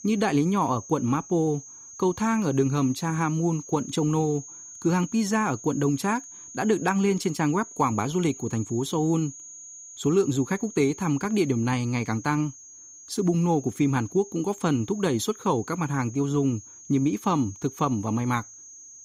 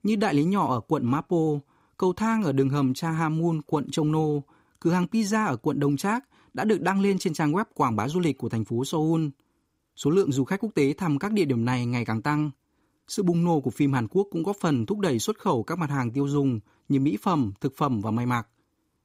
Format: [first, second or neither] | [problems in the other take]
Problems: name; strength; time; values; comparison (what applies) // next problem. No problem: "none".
second | high-pitched whine; noticeable; throughout; 6.5 kHz, 15 dB below the speech